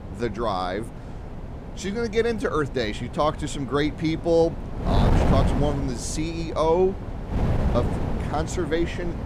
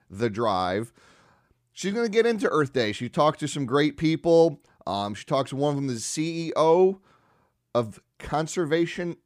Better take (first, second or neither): second